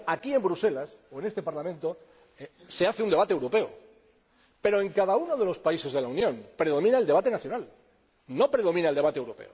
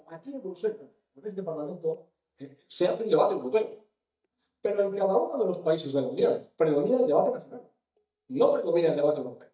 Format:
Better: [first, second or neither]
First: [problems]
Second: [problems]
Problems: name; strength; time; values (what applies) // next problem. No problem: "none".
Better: first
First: none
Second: noise reduction (neural mask model DeepFilterNet 3)